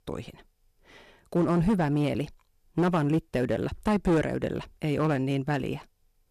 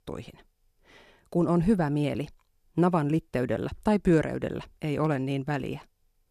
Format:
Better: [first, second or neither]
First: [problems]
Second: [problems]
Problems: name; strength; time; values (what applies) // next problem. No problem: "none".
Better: second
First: distortion; slight; 5% of the sound clipped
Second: none